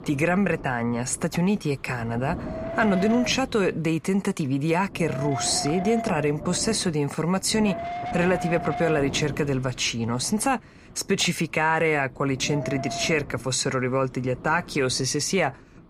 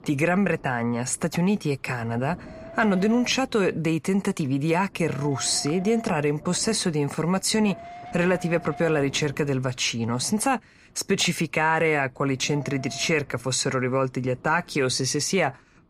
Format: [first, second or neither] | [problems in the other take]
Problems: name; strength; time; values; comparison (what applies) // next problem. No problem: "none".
second | wind noise on the microphone; heavy; 7 dB below the speech; occasional gusts in the second